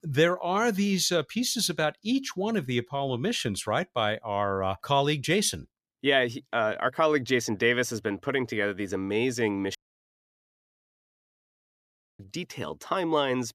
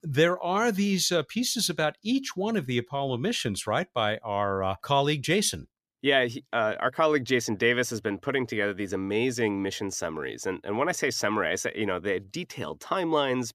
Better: second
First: audio cutting out; at 10 s for 2.5 s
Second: none

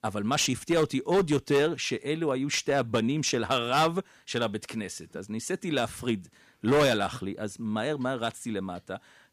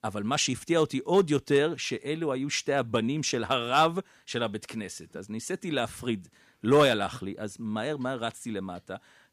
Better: second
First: distortion; slight; 4% of the sound clipped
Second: none

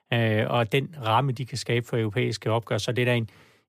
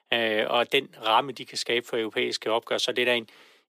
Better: first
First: none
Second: thin; somewhat; fading below 300 Hz

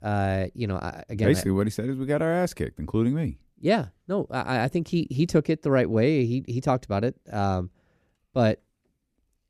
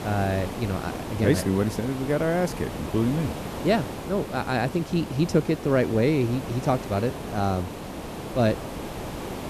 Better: first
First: none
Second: hiss; loud; throughout; 9 dB below the speech

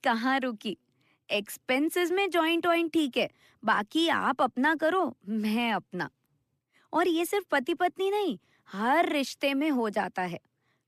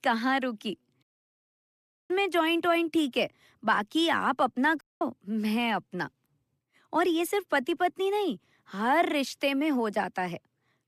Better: first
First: none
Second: audio cutting out; at 1 s for 1 s and at 5 s

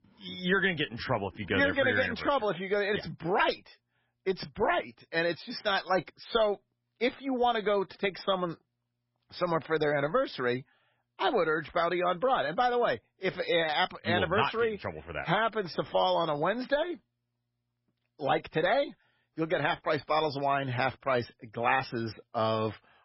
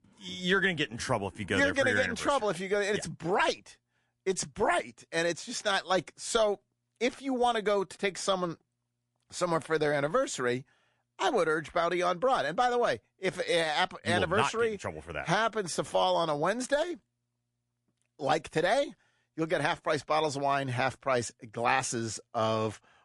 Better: second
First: garbled, watery; badly; nothing above 5.5 kHz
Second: garbled, watery; slightly; nothing above 11 kHz

